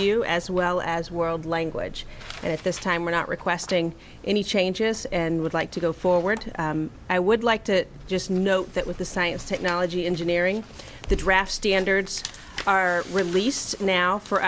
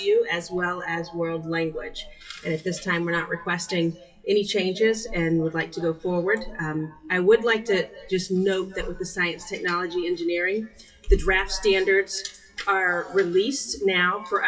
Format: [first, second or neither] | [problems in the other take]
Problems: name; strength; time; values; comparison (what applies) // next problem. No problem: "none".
first | noise reduction (classical method WPE with log-MMSE)